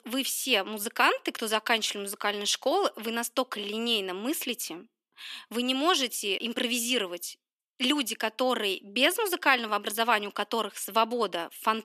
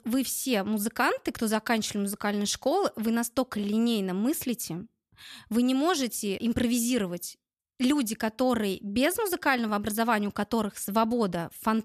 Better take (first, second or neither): second